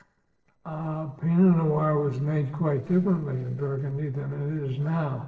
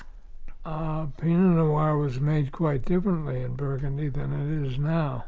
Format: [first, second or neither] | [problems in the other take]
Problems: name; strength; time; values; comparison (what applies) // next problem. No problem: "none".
second | noise reduction (neural separator model SepFormer DNS4)